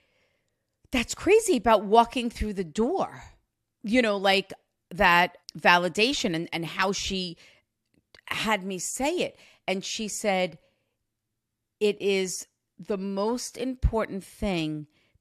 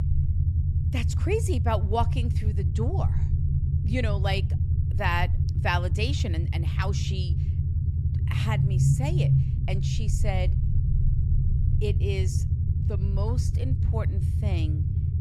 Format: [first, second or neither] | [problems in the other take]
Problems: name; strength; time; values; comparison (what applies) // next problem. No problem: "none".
first | low rumble; loud; throughout; 7 dB below the speech